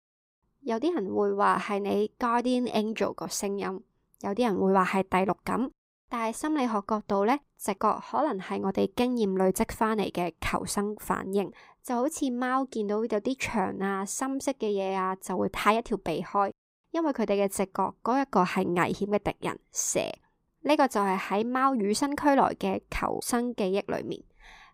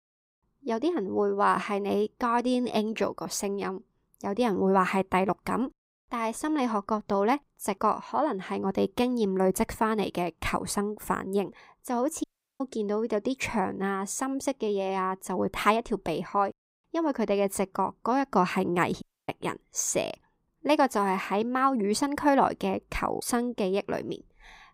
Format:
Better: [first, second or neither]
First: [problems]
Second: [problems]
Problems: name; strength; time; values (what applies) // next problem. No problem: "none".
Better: first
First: none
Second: audio cutting out; at 12 s and at 19 s